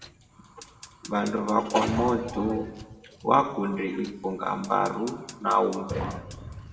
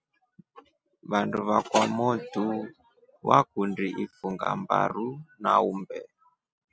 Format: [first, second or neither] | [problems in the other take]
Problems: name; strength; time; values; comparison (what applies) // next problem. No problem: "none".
second | background sound (Fire); 13 dB below the speech // room echo; dies away in 1 s